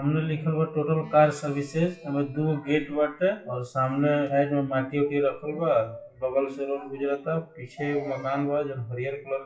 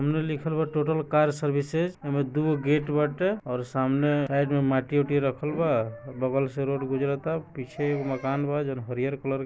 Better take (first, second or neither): second